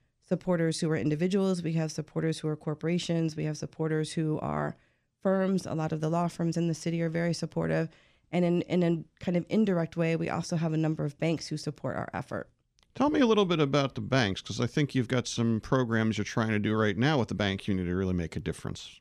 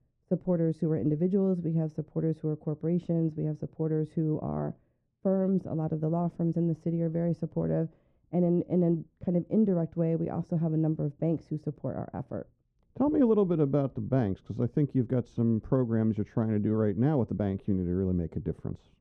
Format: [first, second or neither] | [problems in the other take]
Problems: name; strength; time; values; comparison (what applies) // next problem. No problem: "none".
first | muffled; very; fading above 1.5 kHz